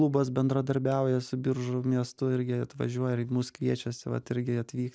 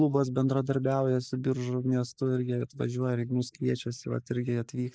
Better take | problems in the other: first | noise reduction (neural mask model Resemble Enhance denoiser)

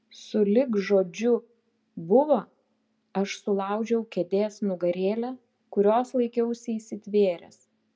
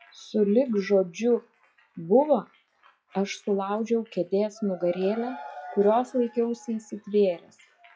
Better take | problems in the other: first | noise reduction (classical method log-MMSE)

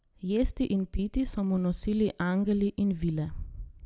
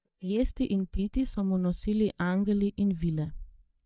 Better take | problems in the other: first | noise reduction (neural mask model DeepFilterNet 3)

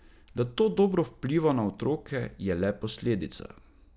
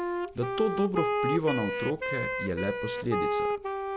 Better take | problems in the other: first | background sound (Wind instrument, woodwind instrument); as loud as the speech

